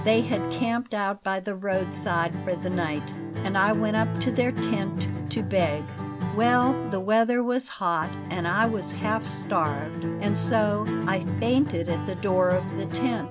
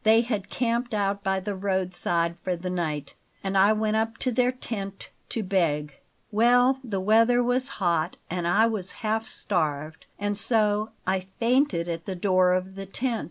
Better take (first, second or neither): second